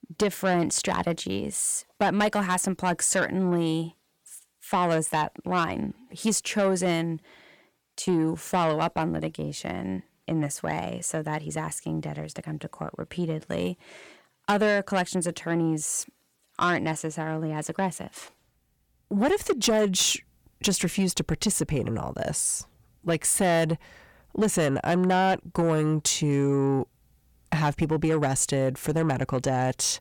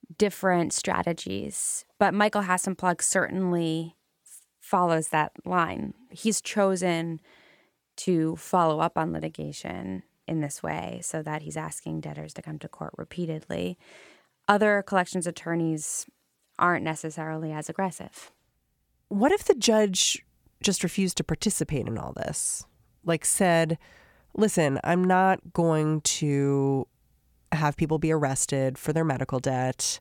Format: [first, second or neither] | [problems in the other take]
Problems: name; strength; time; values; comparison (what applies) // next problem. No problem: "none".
second | distortion; slight; 10 dB below the speech